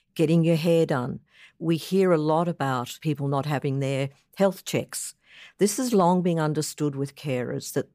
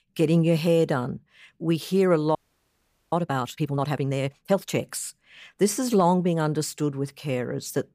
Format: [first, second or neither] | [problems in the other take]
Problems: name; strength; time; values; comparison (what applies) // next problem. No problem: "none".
first | audio freezing; at 2.5 s for 1 s